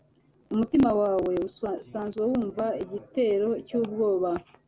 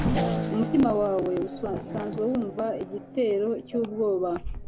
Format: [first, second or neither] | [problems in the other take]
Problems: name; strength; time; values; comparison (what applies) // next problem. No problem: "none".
first | background sound (Race car, auto racing / Accelerating, revving, vroom); 5 dB below the speech